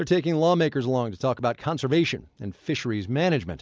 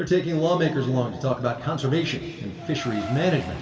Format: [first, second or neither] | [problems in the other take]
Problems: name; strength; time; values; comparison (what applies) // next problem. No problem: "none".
first | background sound (Car); 17 dB below the speech // room echo; dies away in 2.2 s